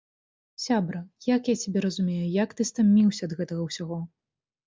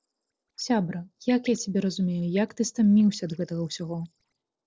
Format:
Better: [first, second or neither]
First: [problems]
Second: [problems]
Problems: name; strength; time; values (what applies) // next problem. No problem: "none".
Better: first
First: none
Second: noise reduction (neural separator model SepFormer DNS4)